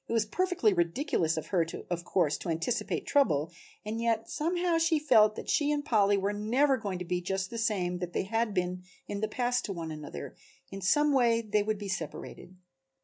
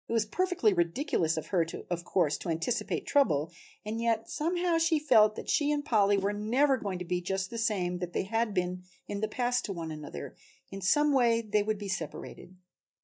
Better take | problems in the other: first | noise reduction (neural mask model DeepFilterNet 3)

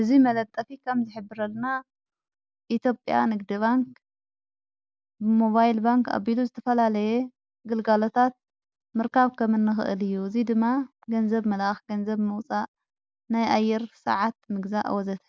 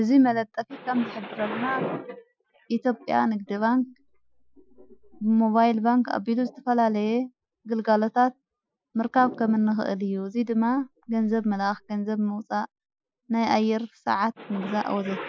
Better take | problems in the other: first | noise reduction (classical method Wiener filter)

